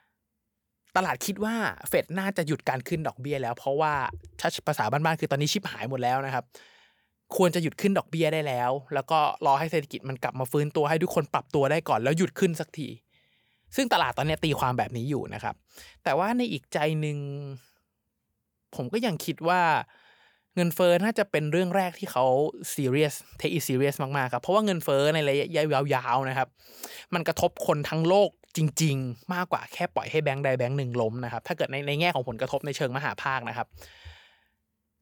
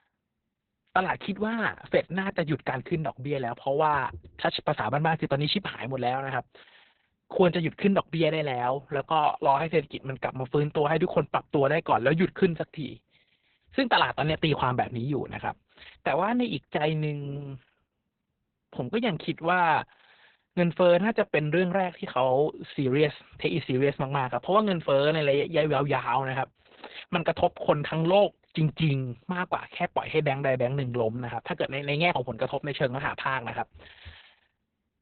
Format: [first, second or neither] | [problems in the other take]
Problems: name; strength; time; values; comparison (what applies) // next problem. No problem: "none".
first | garbled, watery; badly; nothing above 4 kHz